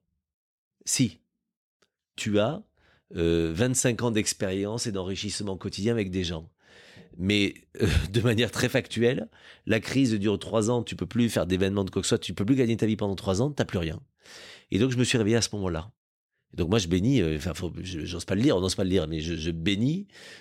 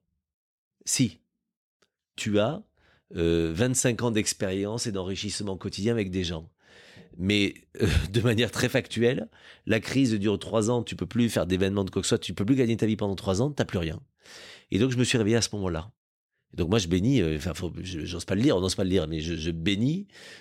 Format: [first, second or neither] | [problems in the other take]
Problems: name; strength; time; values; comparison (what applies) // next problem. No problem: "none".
neither | none